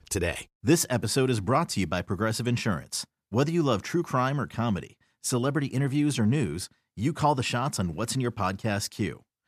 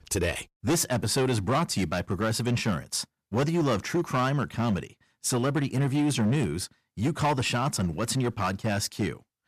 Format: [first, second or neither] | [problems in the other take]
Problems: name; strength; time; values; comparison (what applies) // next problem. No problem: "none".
first | distortion; slight; 9% of the sound clipped